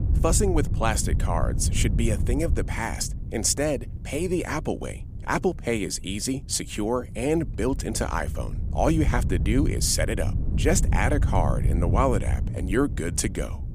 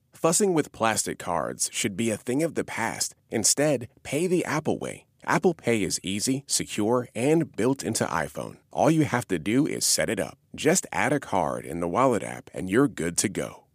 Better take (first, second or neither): second